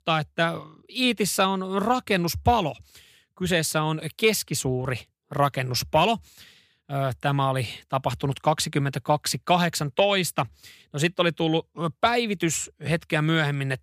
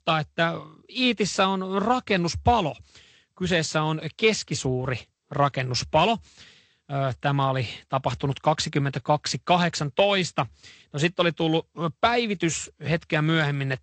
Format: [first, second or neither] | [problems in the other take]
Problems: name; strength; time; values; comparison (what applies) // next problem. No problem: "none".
first | garbled, watery; slightly; nothing above 8 kHz